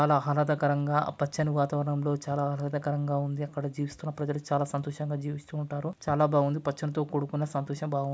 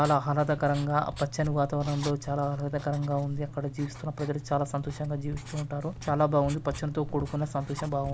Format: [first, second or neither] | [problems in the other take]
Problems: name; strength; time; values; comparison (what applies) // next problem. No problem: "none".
first | background sound (Writing); 12 dB below the speech